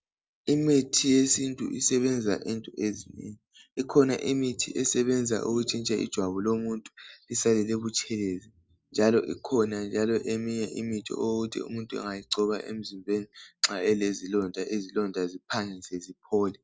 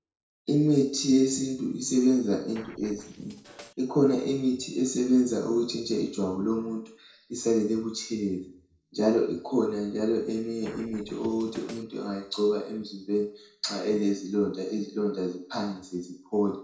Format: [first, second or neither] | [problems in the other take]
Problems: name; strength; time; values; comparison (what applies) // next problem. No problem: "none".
first | noise reduction (neural separator model SepFormer DNS4)